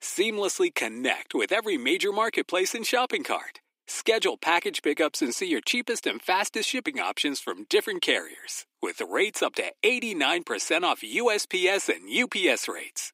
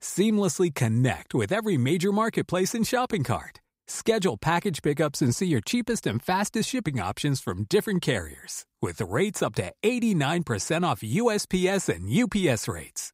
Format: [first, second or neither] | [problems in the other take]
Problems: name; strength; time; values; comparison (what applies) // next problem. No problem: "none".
second | thin; somewhat; fading below 300 Hz